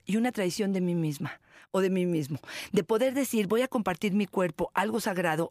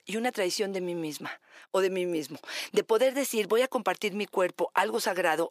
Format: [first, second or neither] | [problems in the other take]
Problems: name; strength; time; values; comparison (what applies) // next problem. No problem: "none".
first | thin; somewhat; fading below 400 Hz